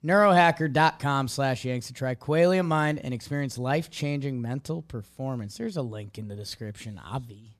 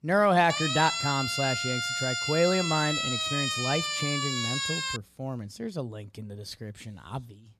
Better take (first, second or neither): first